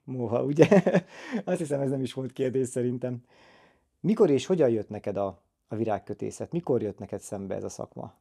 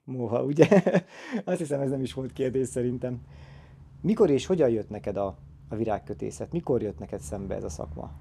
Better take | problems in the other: first | traffic noise; faint; from 2 s on; 20 dB below the speech

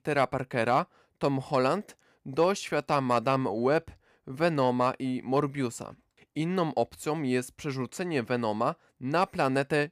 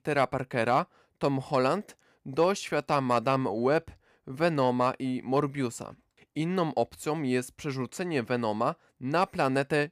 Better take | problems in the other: neither | none

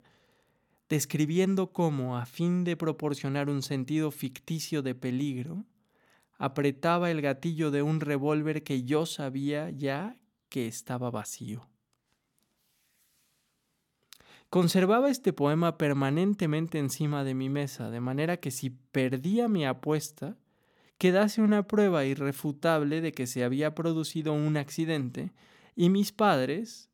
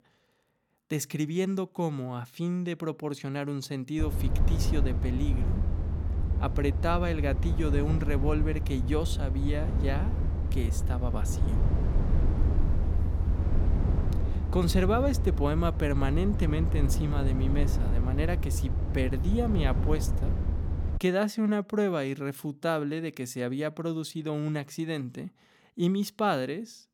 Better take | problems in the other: first | low rumble; loud; from 4 to 21 s; 9 dB below the speech

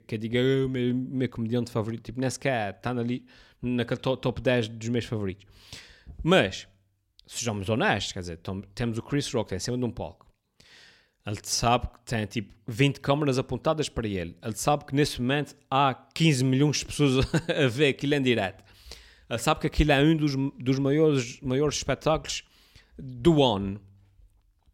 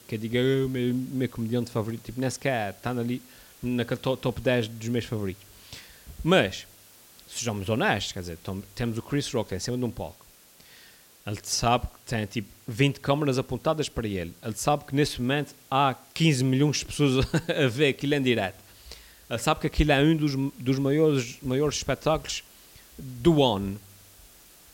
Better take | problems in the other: first | hiss; faint; throughout; 25 dB below the speech

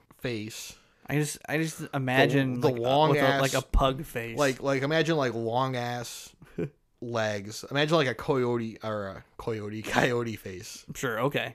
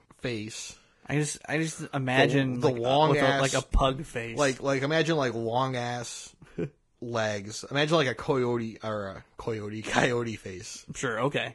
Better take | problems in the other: first | garbled, watery; badly; nothing above 11 kHz

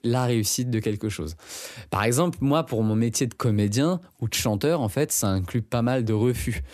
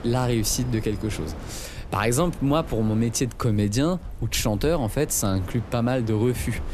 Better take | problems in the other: first | wind in the background; noticeable; throughout; 15 dB below the speech

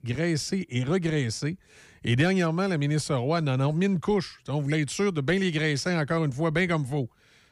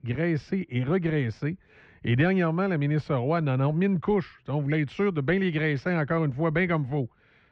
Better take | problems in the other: first | muffled; very; fading above 2.5 kHz

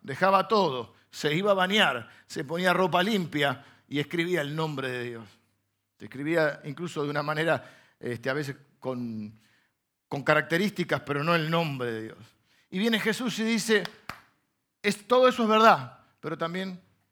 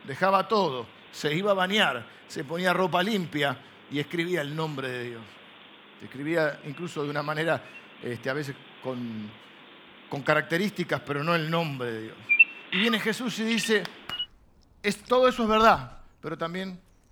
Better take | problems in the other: first | animal sounds; very loud; throughout; 2 dB above the speech

